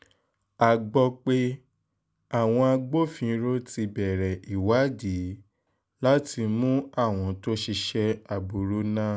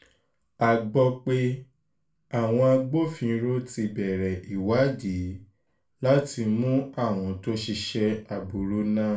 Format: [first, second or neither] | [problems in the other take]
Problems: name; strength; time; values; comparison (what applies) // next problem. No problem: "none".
first | room echo; dies away in 0.3 s